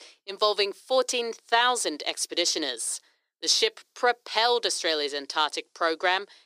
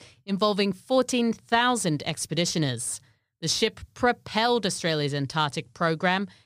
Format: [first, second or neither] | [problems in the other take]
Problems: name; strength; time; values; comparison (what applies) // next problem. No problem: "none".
second | thin; very; fading below 350 Hz